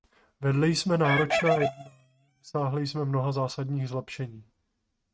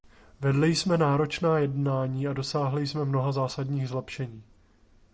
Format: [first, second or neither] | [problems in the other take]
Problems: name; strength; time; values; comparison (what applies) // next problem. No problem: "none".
second | noise reduction (neural mask model RNNoise)